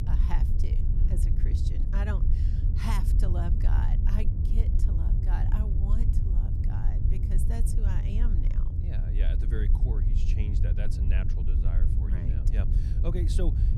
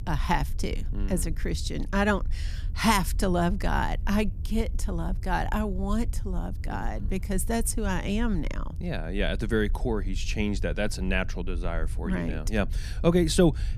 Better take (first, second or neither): second